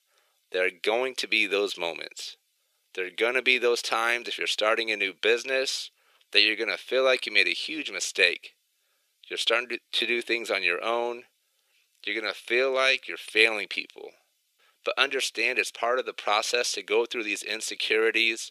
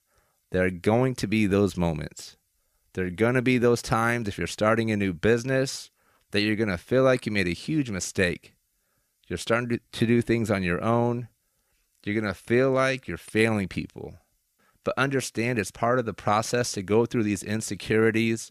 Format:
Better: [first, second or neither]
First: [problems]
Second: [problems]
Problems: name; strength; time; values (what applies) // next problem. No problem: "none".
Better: second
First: thin; very; fading below 400 Hz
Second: none